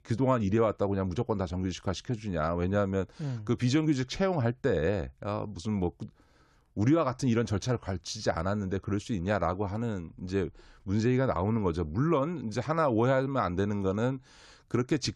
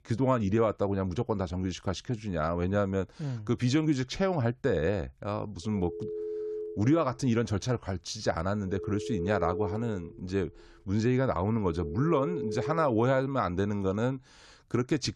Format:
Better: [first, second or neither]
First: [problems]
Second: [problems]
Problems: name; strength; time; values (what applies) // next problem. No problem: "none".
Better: first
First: none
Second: phone ringing; noticeable; from 5.5 to 13 s; peak 5 dB below the speech